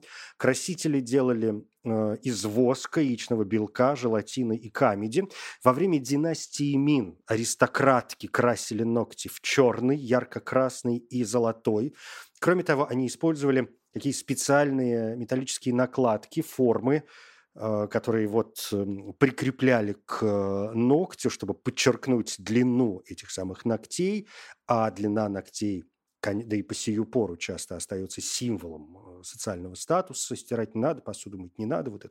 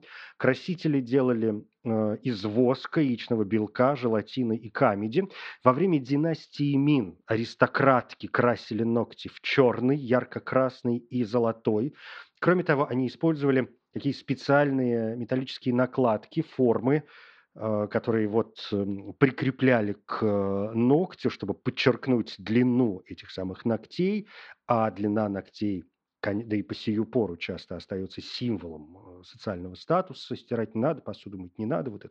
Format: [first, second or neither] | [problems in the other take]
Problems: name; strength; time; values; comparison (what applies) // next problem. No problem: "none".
first | muffled; slightly; fading above 4 kHz